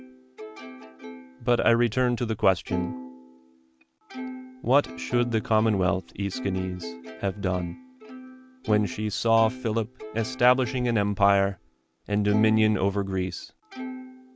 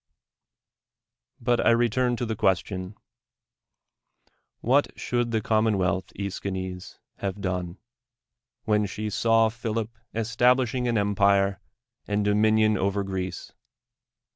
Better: second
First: background sound (Plucked string instrument); 13 dB below the speech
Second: none

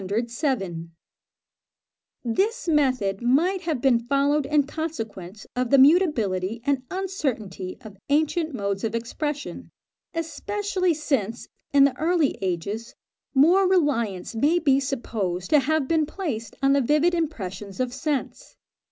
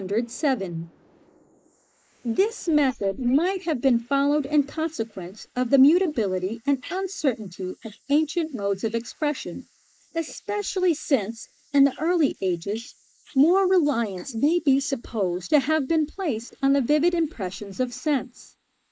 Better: first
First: none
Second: noise reduction (neural mask model Resemble Enhance denoiser)

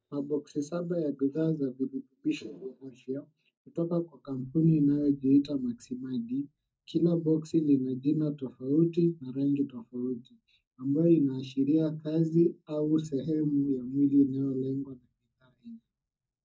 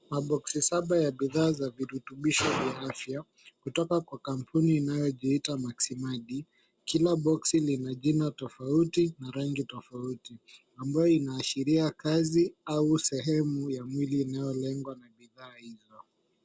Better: second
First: noise reduction (neural mask model DeepFilterNet 3)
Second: none

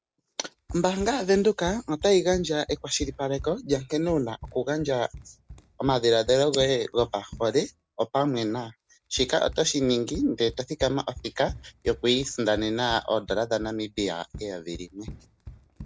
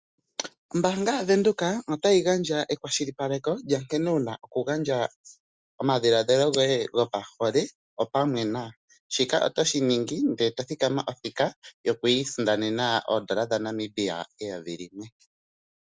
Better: second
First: background sound (Run); 18 dB below the speech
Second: none

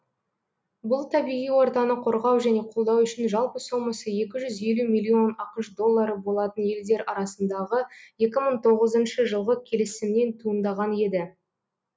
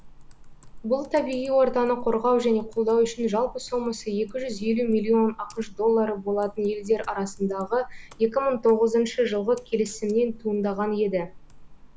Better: first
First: none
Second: background sound (Computer keyboard); 17 dB below the speech

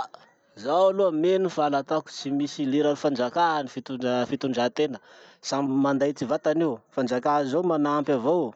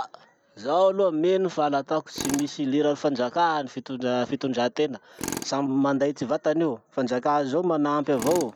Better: first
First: none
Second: background sound (Tools); 16 dB below the speech

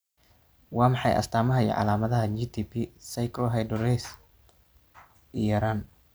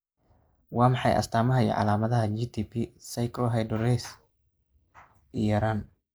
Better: first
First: none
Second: noise reduction (neural mask model Resemble Enhance denoiser)

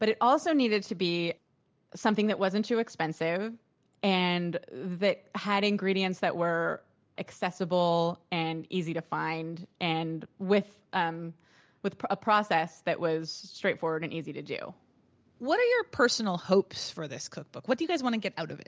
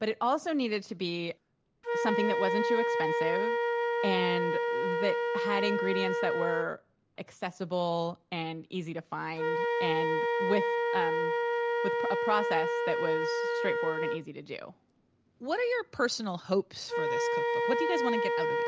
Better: first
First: none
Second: background sound (Wind instrument, woodwind instrument); 3 dB above the speech

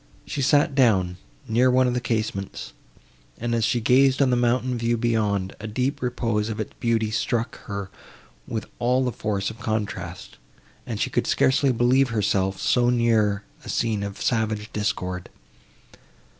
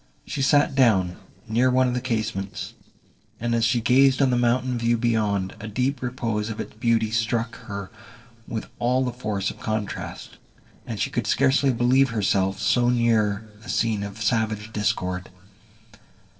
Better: first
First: none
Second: noise reduction (neural separator model SepFormer DNS4)

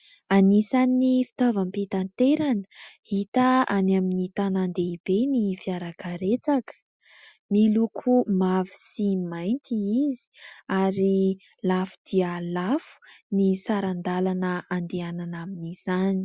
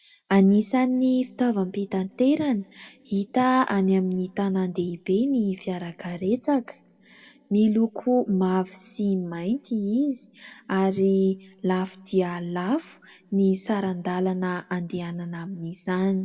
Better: first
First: none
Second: room echo; dies away in 1 s

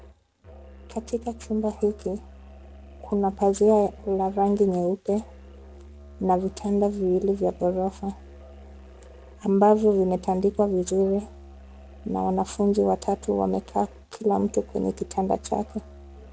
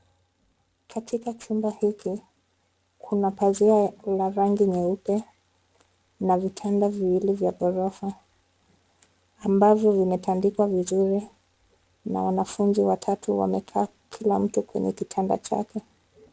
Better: second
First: background sound (Musical instrument); 20 dB below the speech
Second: none

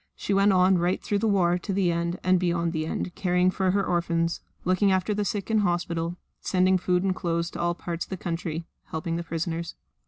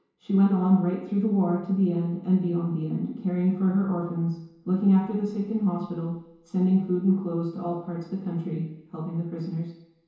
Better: first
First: none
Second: room echo; dies away in 1 s

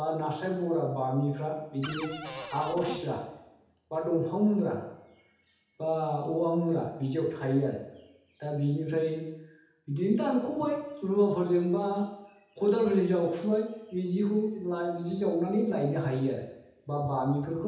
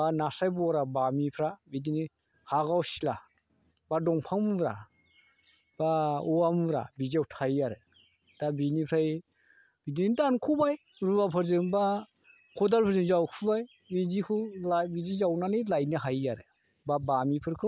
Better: second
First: background sound (Cupboard open or close); 10 dB below the speech // room echo; dies away in 0.8 s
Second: none

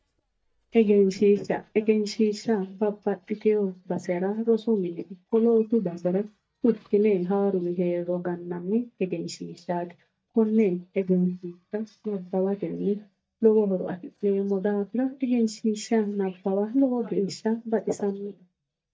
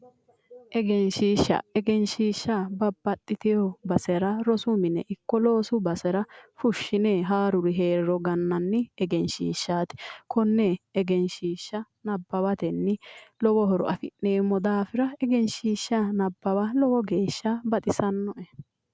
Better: second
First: noise reduction (neural mask model DeepFilterNet 3)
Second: none

